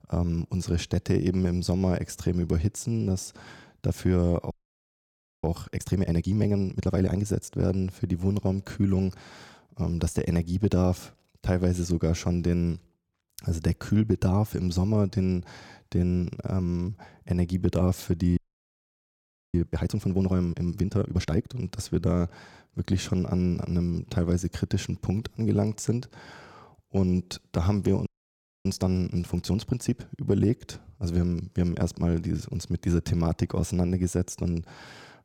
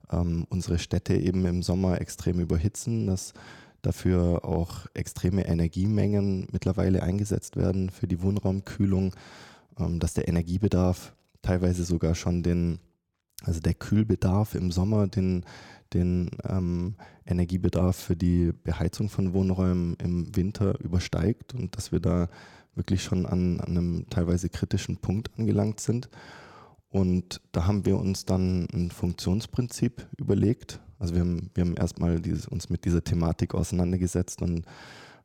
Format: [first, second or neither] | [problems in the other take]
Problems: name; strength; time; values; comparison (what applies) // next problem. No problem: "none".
second | audio freezing; at 4.5 s for 1 s, at 18 s for 1 s and at 28 s for 0.5 s